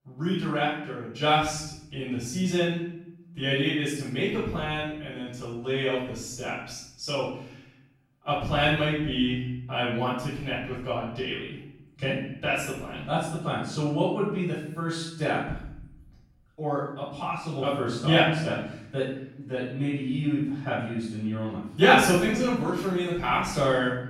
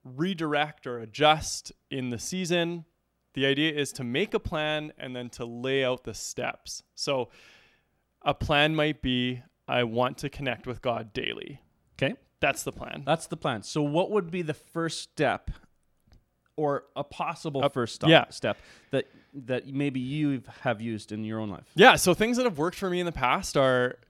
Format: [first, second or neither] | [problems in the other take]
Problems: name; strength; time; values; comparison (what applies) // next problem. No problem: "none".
second | off-mic speech; far // room echo; strong; dies away in 0.7 s